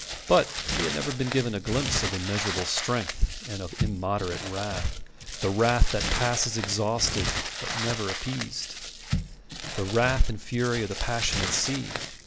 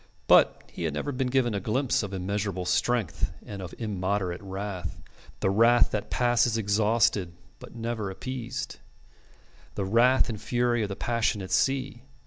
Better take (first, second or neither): second